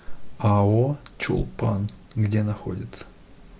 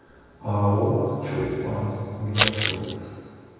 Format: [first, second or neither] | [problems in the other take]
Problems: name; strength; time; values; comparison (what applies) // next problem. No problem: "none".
first | background sound (Crumpling, crinkling); 1 dB above the speech // room echo; dies away in 2.1 s